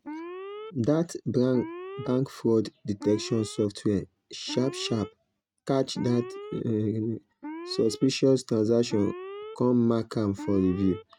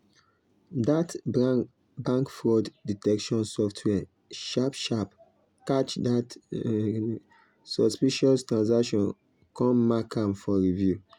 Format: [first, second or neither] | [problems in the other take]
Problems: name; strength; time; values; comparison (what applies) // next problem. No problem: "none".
second | noise reduction (neural mask model RNNoise)